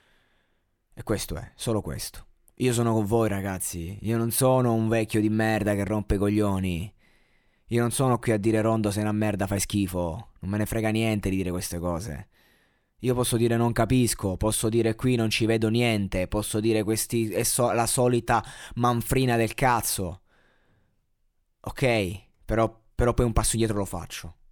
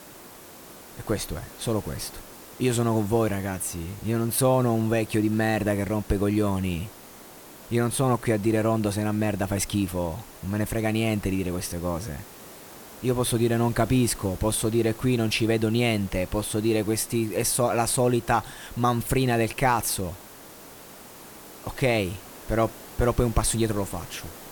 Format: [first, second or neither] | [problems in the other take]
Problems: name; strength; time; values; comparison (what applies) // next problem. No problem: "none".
first | hiss; noticeable; throughout; 20 dB below the speech